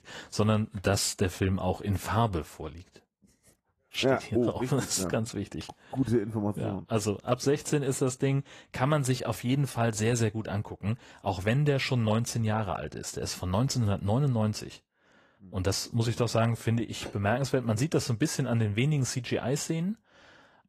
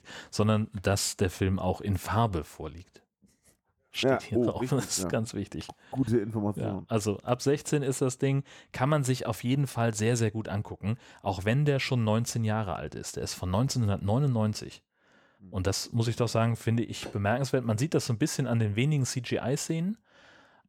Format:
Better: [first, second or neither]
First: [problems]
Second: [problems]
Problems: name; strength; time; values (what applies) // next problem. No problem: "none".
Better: second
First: garbled, watery; slightly; nothing above 14 kHz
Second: none